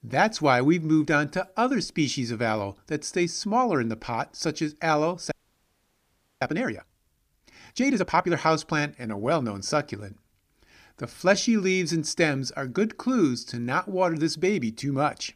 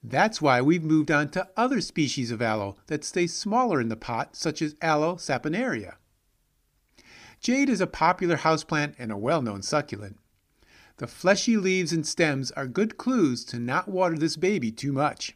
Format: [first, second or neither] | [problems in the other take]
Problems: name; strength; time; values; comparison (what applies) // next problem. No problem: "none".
second | audio freezing; at 5.5 s for 1 s